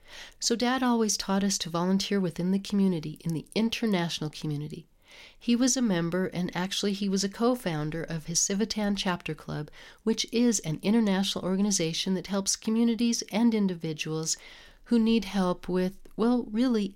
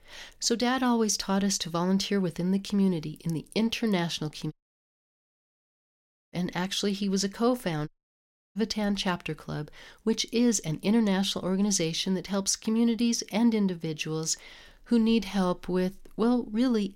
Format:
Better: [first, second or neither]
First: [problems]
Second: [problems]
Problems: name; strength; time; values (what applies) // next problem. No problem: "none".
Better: first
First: none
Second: audio cutting out; at 4.5 s for 2 s and at 8 s for 0.5 s